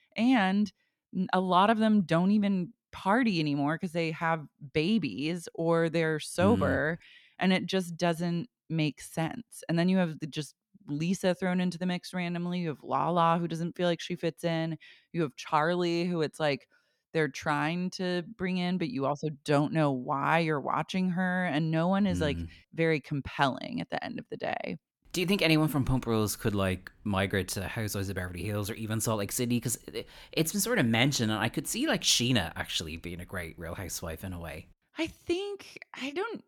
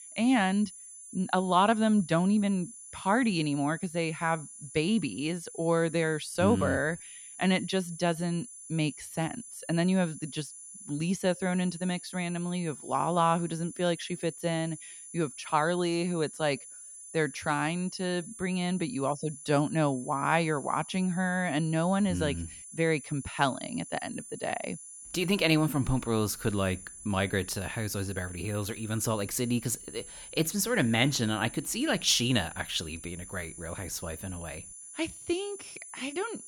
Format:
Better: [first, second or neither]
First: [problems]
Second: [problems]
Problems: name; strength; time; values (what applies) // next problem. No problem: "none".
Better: first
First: none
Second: high-pitched whine; noticeable; throughout; 10 kHz, 15 dB below the speech